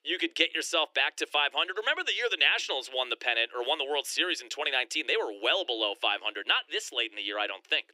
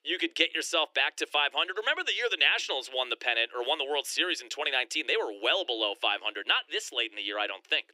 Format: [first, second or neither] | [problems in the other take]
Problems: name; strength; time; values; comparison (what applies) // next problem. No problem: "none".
neither | thin; very; fading below 300 Hz; the same in both